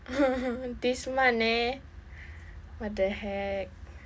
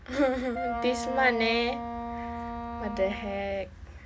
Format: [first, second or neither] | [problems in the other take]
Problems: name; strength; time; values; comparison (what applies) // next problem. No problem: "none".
first | background sound (Wind instrument, woodwind instrument); 6 dB below the speech